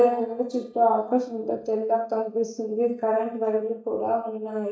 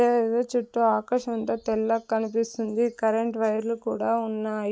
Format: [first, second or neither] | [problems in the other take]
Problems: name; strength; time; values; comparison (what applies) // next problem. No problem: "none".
second | noise reduction (neural mask model DeepFilterNet 3)